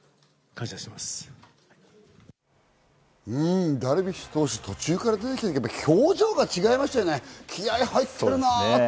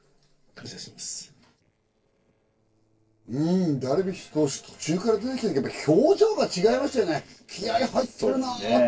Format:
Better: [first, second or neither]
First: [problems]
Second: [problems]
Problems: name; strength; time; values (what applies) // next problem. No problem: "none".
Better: first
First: none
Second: noise reduction (neural separator model SepFormer DNS4)